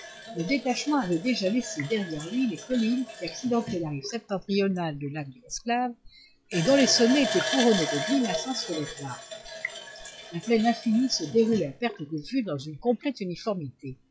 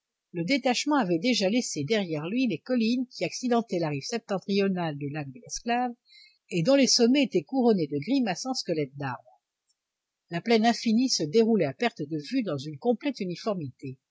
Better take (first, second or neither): second